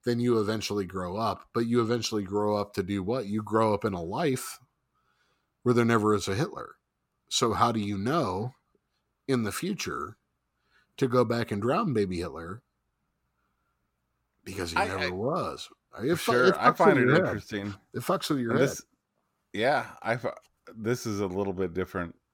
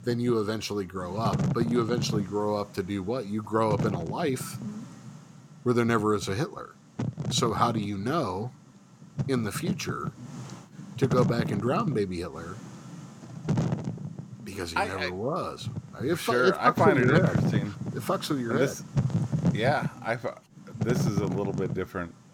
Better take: first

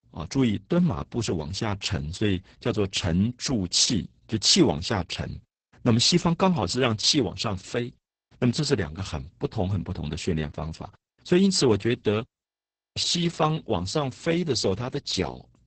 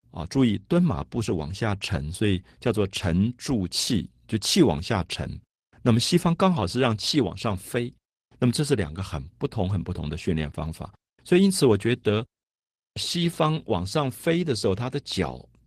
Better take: second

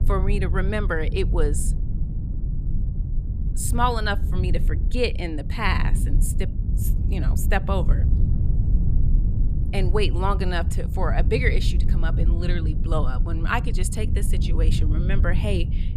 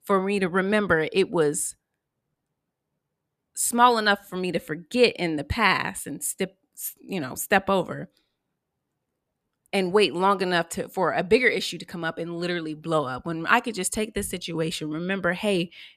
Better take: second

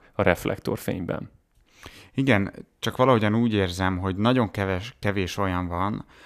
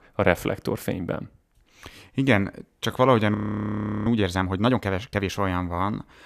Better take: first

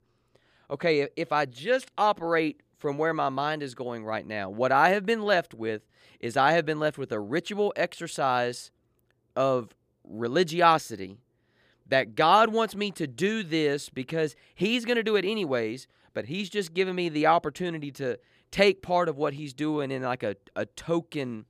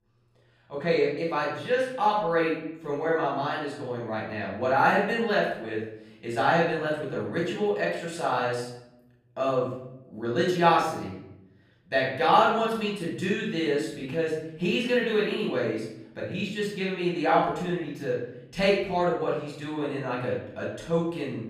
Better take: first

